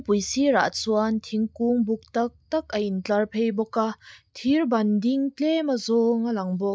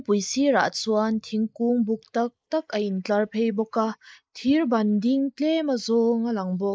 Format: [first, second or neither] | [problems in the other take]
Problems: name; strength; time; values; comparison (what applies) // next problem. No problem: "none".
first | noise reduction (neural mask model Resemble Enhance denoiser)